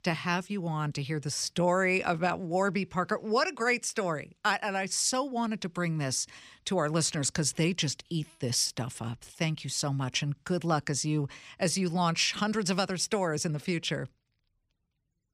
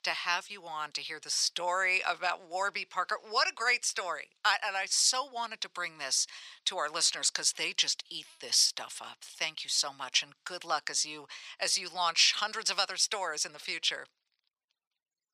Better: first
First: none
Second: thin; very; fading below 900 Hz

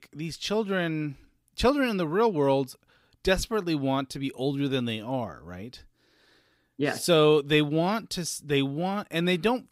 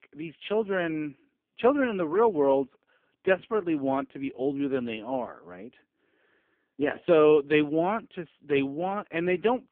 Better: first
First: none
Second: phone-call audio; poor line; nothing above 3.5 kHz

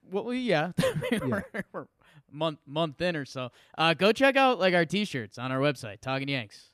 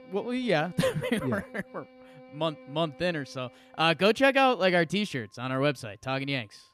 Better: first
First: none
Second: background music; faint; throughout; 25 dB below the speech

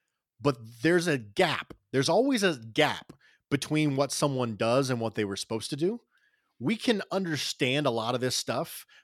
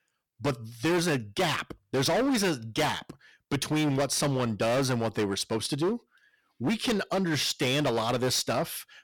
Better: first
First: none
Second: distortion; heavy; 17% of the sound clipped

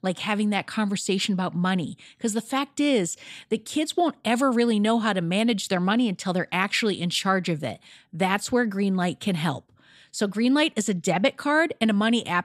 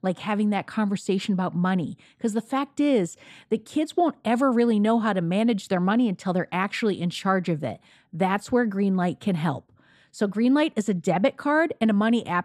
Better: first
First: none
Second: muffled; slightly; fading above 2 kHz

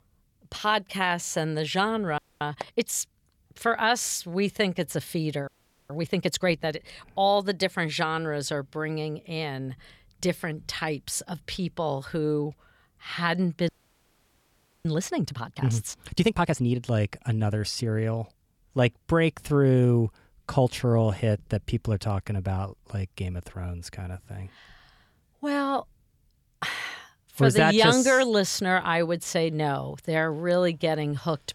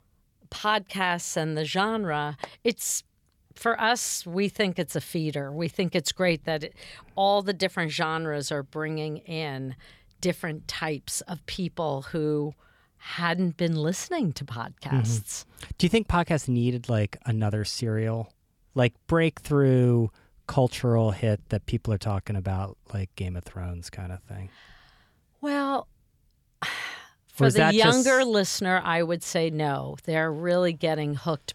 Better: second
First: audio freezing; at 2 s, at 5.5 s and at 14 s for 1 s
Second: none

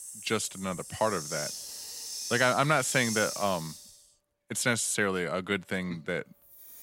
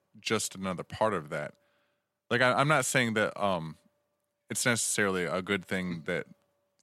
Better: second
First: hiss; loud; throughout; 8 dB below the speech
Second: none

